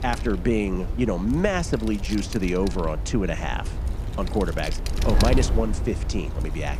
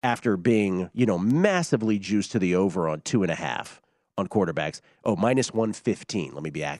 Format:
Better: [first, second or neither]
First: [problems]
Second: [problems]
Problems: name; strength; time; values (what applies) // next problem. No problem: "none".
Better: second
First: wind noise on the microphone; heavy; 9 dB below the speech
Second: none